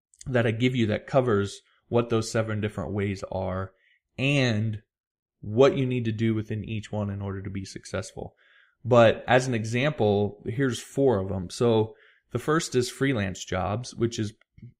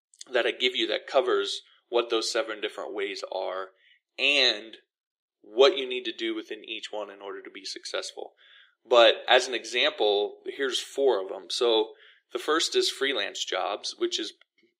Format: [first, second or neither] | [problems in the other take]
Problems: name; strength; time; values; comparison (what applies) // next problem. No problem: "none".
first | thin; very; fading below 350 Hz